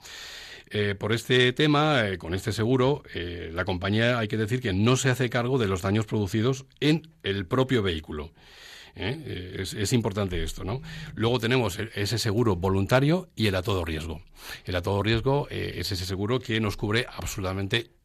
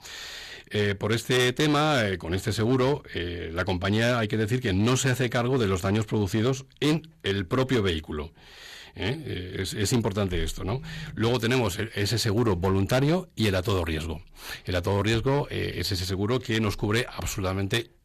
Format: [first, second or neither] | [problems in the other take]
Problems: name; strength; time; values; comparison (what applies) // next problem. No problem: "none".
first | distortion; slight; 9% of the sound clipped